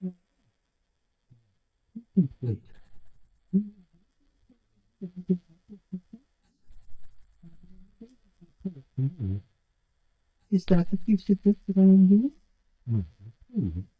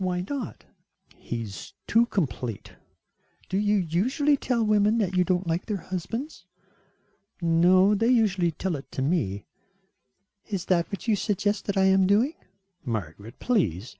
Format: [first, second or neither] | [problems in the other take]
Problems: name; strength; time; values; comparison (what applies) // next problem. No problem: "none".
second | noise reduction (neural mask model DeepFilterNet 3)